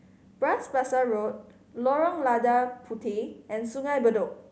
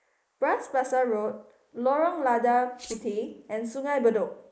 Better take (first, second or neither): first